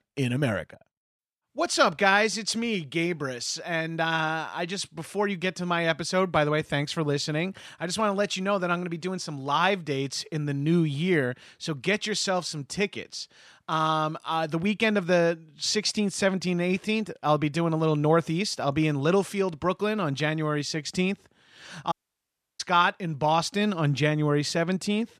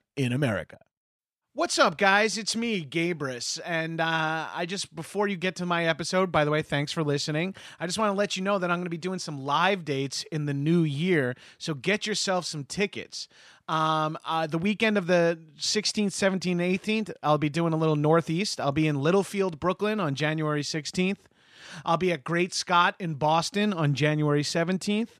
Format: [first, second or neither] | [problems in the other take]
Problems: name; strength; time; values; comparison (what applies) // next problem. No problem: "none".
second | audio cutting out; at 22 s for 0.5 s